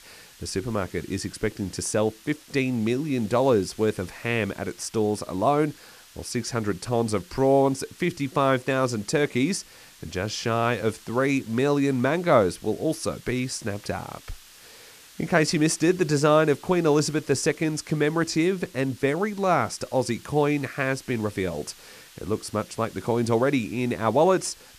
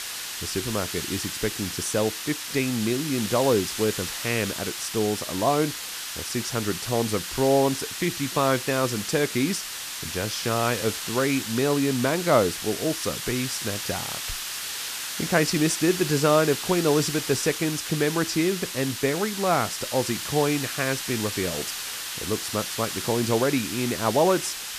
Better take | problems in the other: first | hiss; loud; throughout; 5 dB below the speech; faint in the first

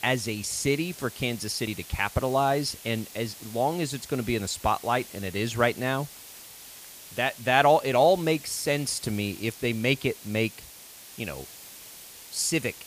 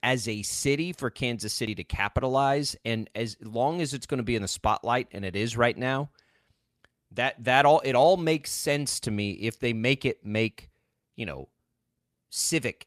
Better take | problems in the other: second | hiss; noticeable; throughout; 15 dB below the speech

